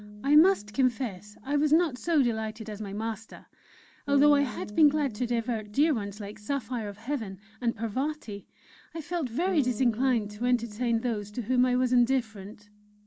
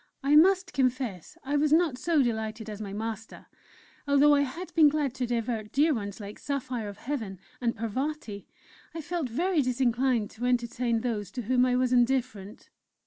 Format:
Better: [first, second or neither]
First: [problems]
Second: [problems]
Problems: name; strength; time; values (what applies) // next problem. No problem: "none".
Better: second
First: background sound (Bass guitar); 16 dB below the speech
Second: none